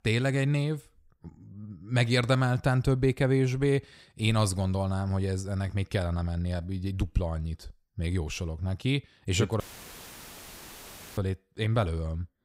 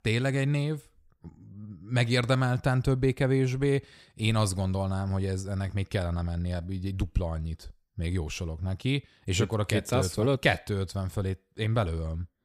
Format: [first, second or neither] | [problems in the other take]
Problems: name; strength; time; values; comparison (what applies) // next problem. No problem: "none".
second | audio cutting out; filled with static; at 9.5 s for 1.5 s